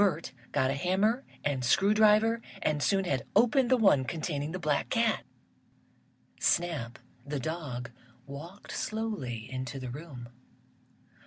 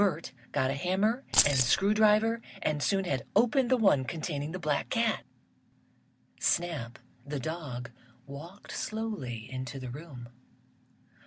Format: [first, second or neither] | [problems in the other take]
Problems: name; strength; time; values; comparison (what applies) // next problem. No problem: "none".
first | background sound (Keys jangling); 2 dB above the speech